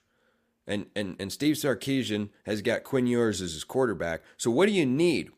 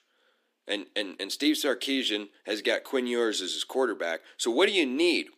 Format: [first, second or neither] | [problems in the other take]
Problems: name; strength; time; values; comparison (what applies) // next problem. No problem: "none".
first | thin; very slightly; fading below 300 Hz